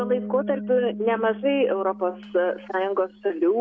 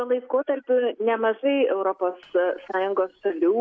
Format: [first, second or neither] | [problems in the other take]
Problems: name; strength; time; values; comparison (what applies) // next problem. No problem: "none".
second | background sound (Bass guitar); 12 dB below the speech